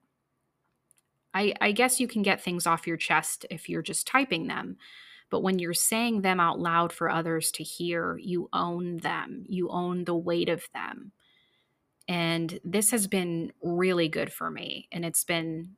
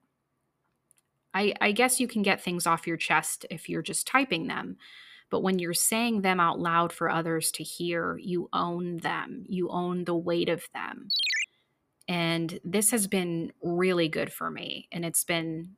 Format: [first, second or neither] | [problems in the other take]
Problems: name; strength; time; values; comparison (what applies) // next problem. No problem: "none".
first | phone ringing; loud; at 11 s; peak 3 dB above the speech